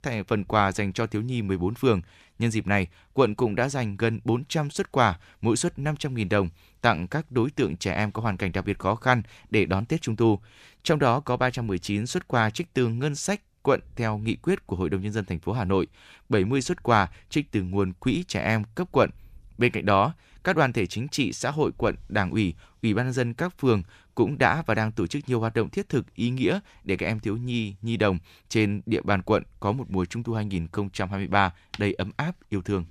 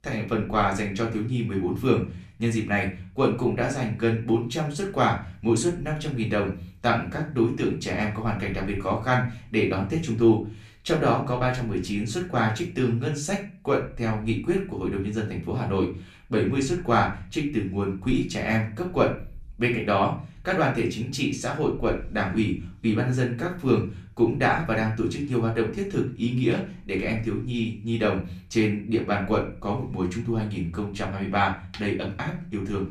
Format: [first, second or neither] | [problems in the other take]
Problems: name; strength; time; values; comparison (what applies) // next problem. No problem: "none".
first | off-mic speech; far // room echo; slight; dies away in 0.4 s